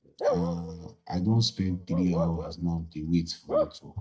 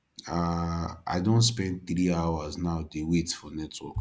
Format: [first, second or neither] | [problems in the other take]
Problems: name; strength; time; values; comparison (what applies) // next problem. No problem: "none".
second | noise reduction (neural mask model DeepFilterNet 3)